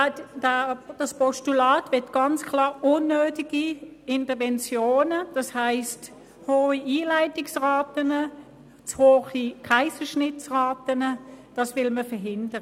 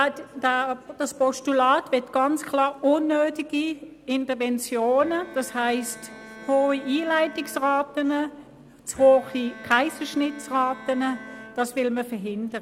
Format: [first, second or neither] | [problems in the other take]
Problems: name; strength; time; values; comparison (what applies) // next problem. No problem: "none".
first | background sound (Bowed string instrument); 20 dB below the speech